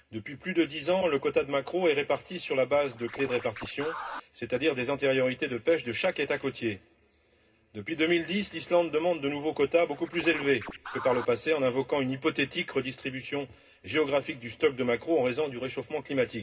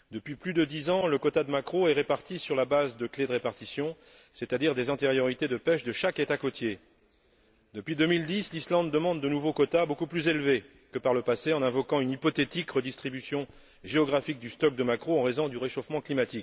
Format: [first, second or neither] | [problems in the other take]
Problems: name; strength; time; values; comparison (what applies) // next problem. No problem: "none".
second | background sound (Scratching (performance technique)); 12 dB below the speech // room echo; dies away in 0.2 s